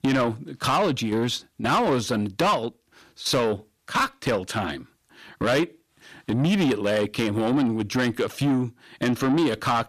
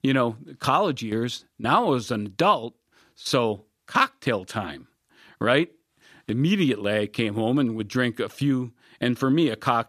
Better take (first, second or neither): second